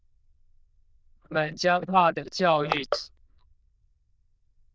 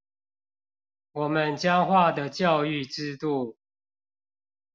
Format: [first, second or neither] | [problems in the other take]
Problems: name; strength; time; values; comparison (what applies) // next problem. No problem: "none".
second | noise reduction (neural diffusion model UNIVERSE++)